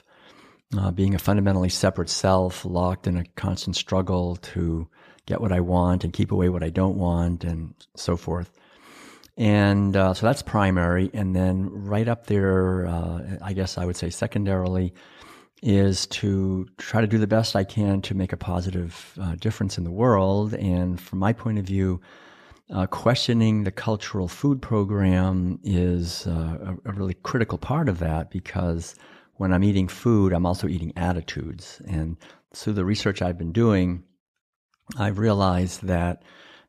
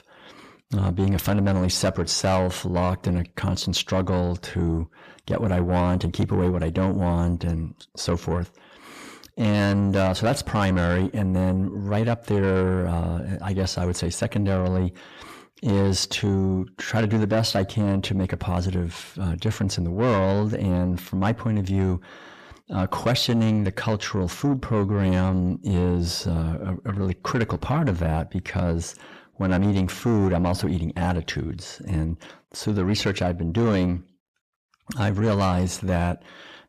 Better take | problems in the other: first | distortion; slight; 10 dB below the speech

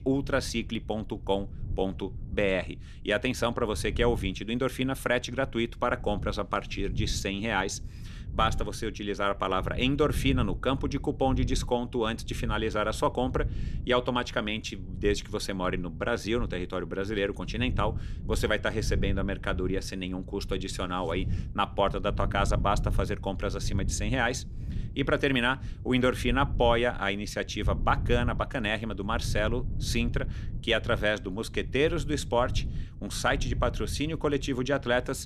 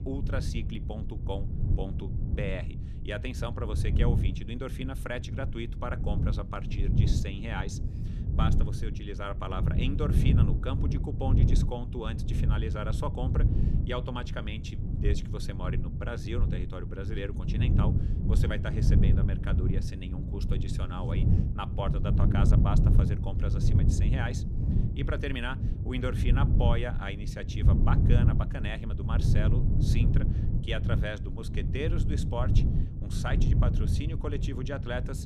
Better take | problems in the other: first | low rumble; loud; throughout; 3 dB below the speech; faint in the first

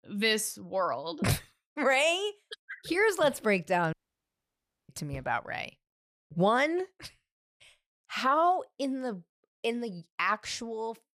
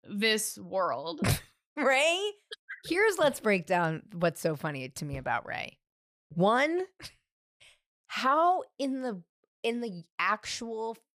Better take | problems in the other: second | audio cutting out; at 4 s for 1 s

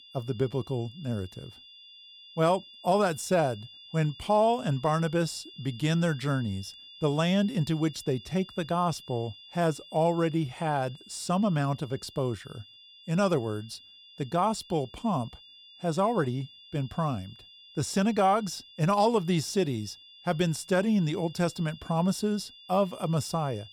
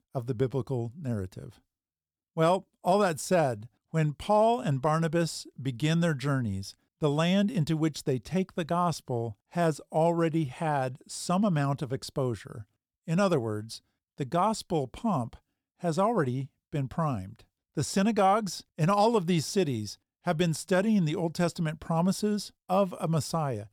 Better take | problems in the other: second | high-pitched whine; noticeable; throughout; 3.5 kHz, 20 dB below the speech

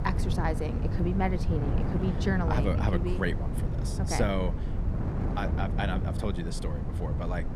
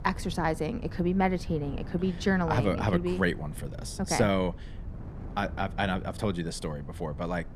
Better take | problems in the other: second | wind noise on the microphone; heavy; 6 dB below the speech; occasional gusts in the second

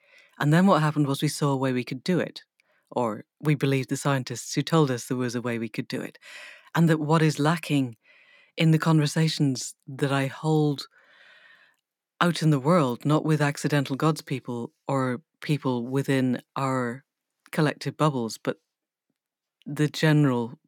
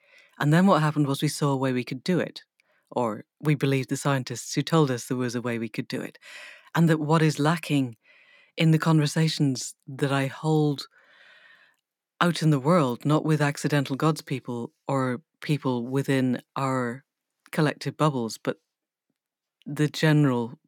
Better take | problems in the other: neither | none

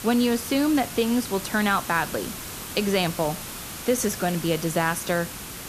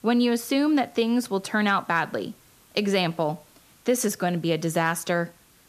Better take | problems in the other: second | hiss; loud; throughout; 9 dB below the speech; faint in the second

